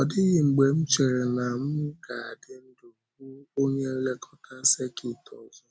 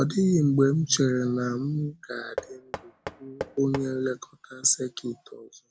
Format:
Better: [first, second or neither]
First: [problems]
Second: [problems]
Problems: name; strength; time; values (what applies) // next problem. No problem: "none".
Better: first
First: none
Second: background sound (Knock); 12 dB below the speech